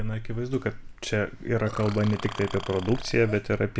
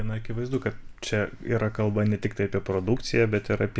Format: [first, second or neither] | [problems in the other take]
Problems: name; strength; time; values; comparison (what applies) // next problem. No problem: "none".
second | background sound (Burping, eructation); 13 dB below the speech